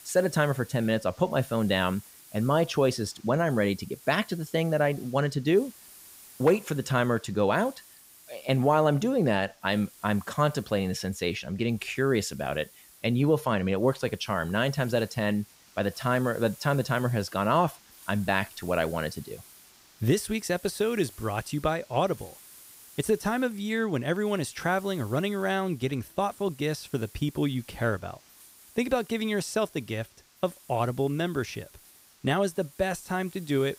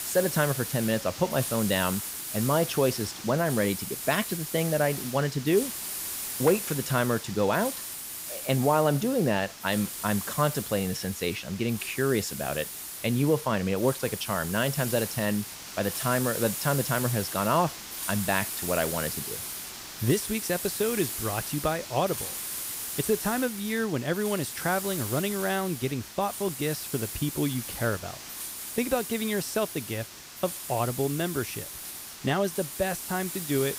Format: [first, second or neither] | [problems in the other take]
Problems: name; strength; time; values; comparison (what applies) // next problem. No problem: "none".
first | hiss; loud; throughout; 6 dB below the speech; faint in the first